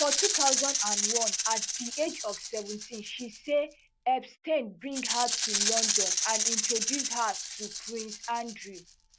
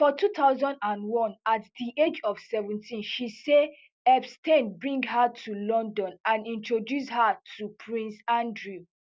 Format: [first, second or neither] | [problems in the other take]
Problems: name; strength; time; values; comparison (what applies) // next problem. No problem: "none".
second | background sound (Rattle (instrument)); 2 dB above the speech